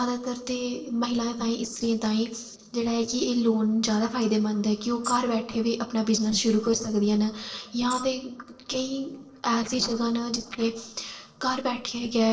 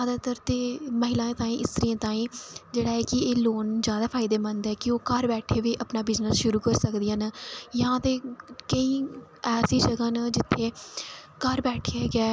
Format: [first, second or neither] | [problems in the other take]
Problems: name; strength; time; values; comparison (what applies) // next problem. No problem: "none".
second | noise reduction (neural separator model SepFormer DNS4)